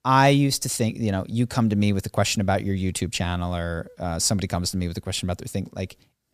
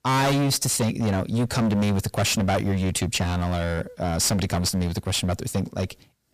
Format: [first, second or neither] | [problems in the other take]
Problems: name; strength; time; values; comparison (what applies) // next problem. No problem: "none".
first | distortion; heavy; 21% of the sound clipped